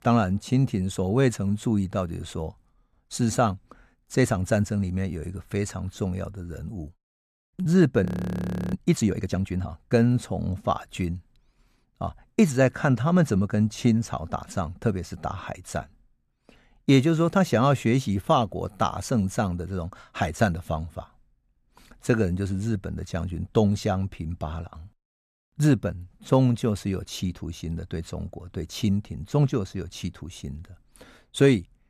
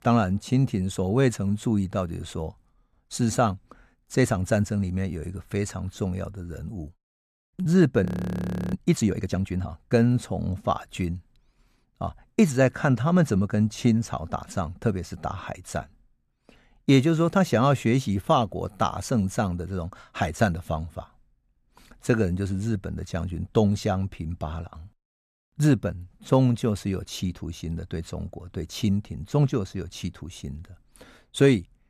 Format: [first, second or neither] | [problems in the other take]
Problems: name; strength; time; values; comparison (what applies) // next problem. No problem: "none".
neither | audio freezing; at 8 s for 0.5 s; the same in both